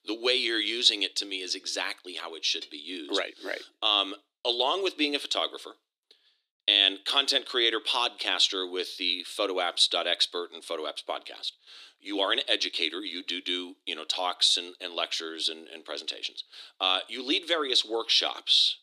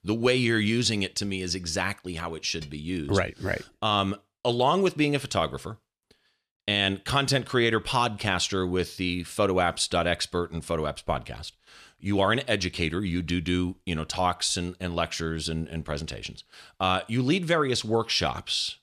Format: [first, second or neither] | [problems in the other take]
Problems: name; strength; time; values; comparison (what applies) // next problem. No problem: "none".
second | thin; somewhat; fading below 300 Hz